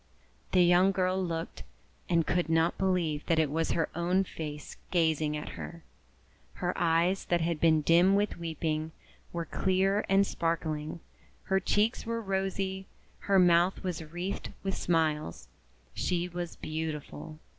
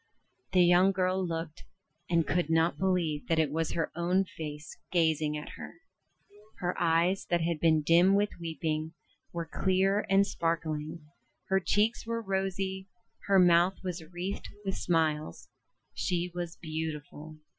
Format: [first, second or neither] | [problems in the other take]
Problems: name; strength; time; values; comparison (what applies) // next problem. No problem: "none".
first | noise reduction (classical method Wiener filter)